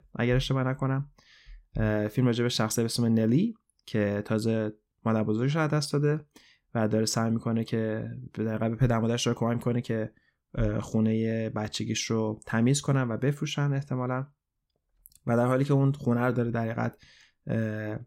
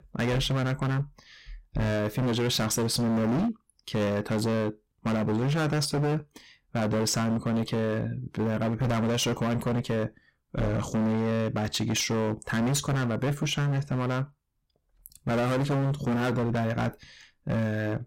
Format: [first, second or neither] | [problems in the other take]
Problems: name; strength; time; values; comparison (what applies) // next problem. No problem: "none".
first | distortion; heavy; 25% of the sound clipped